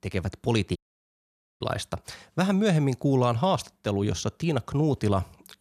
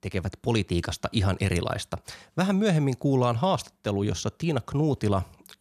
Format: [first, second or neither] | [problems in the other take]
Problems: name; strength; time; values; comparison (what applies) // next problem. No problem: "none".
second | audio cutting out; at 1 s for 1 s